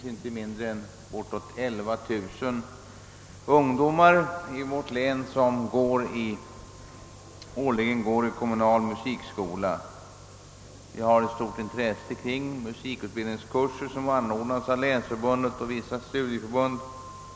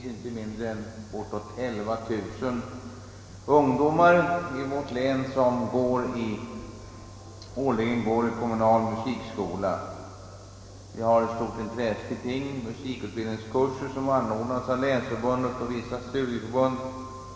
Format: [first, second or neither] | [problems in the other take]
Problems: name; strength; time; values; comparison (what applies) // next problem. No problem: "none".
first | room echo; dies away in 2.5 s